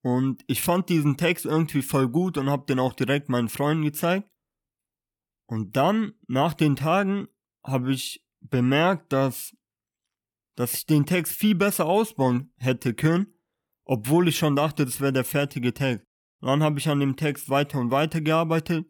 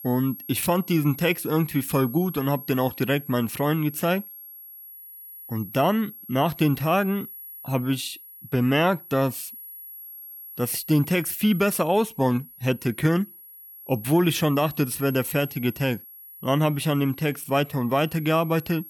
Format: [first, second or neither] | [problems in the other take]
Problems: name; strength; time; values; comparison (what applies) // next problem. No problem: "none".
first | high-pitched whine; noticeable; throughout; 11.5 kHz, 15 dB below the speech